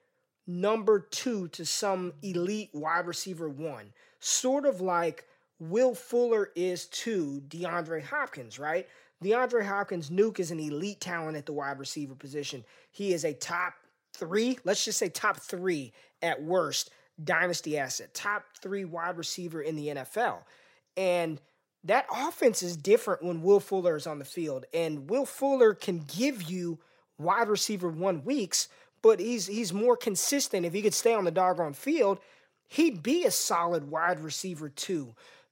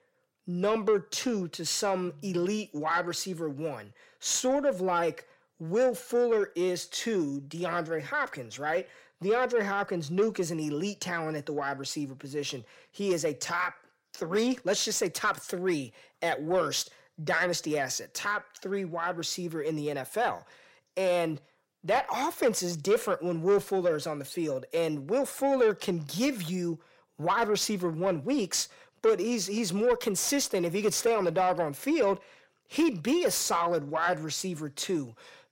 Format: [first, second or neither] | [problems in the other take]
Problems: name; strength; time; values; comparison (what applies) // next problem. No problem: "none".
first | distortion; slight; 10 dB below the speech